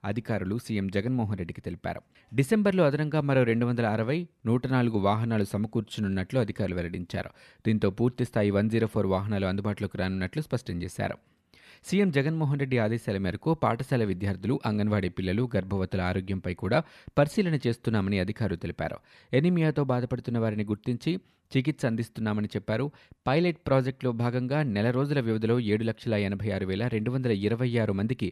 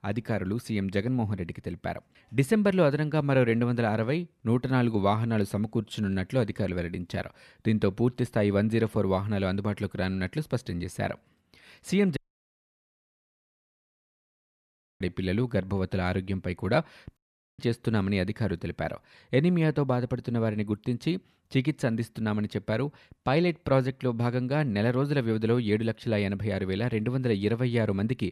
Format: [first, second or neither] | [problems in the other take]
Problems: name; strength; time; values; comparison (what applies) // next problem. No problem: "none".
first | audio cutting out; at 12 s for 3 s and at 17 s